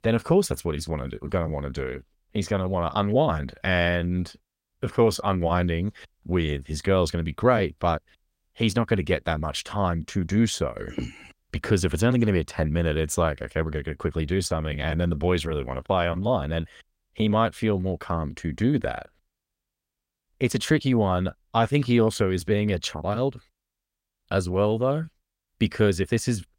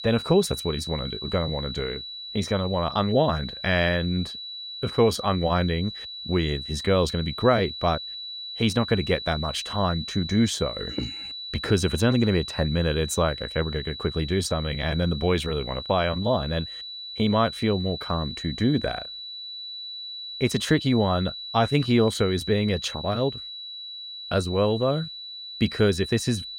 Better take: first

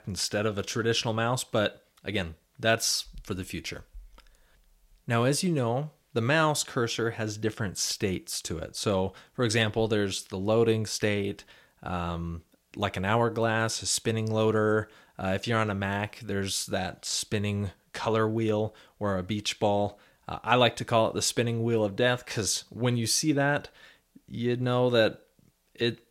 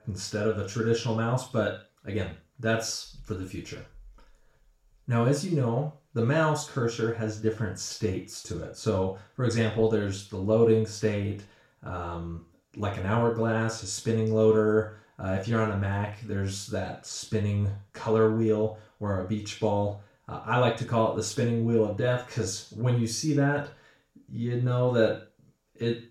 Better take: first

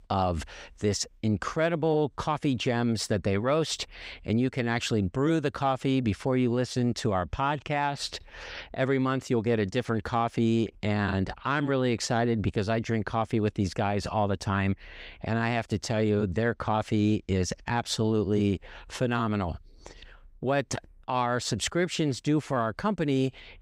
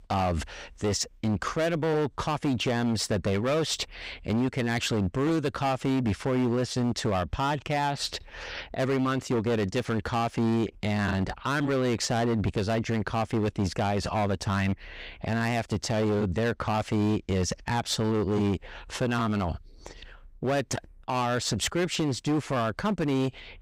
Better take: first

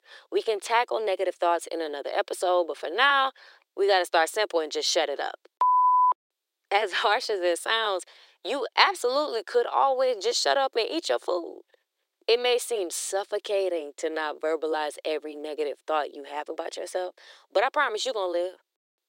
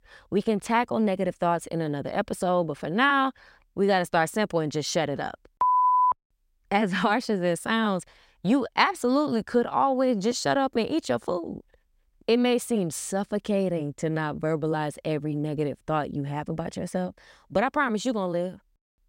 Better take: second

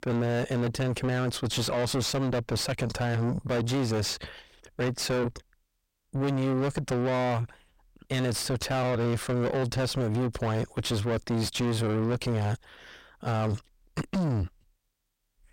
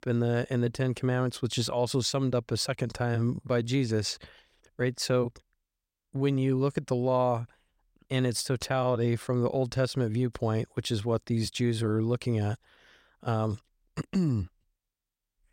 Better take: second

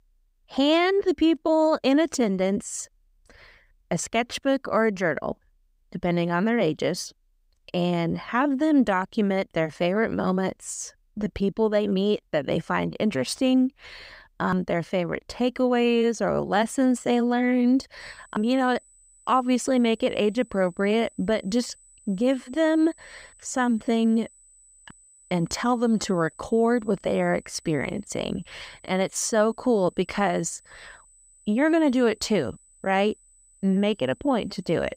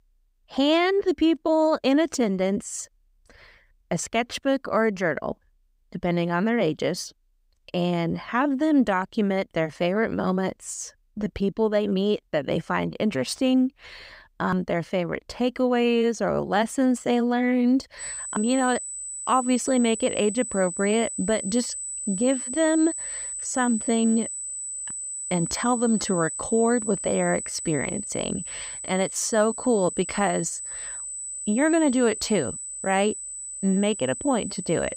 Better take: first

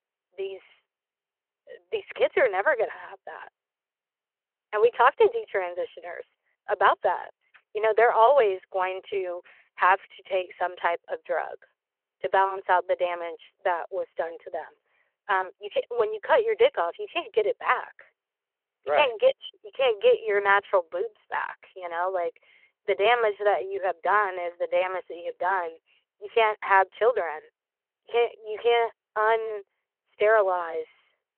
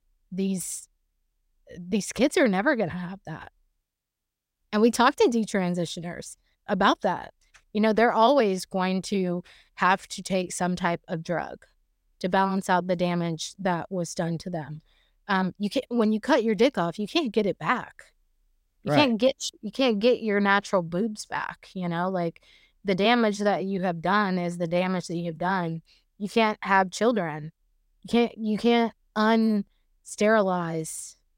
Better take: second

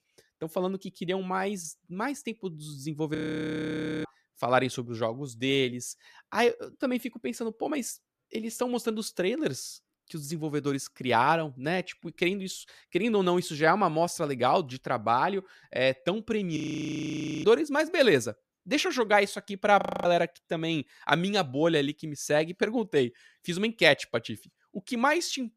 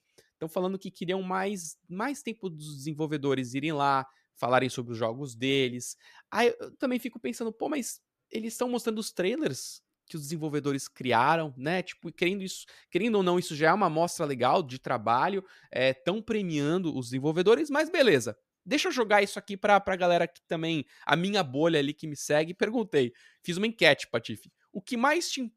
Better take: second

